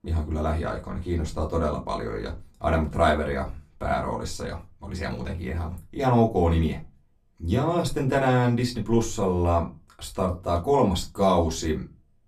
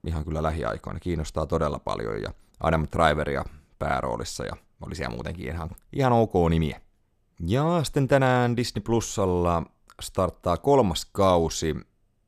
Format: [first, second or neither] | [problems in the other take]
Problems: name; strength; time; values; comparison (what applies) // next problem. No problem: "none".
second | off-mic speech; far // room echo; very slight; dies away in 0.2 s